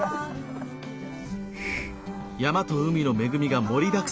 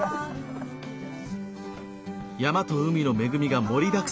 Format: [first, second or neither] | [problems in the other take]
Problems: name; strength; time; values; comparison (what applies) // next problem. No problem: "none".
second | background sound (Hiss); 12 dB below the speech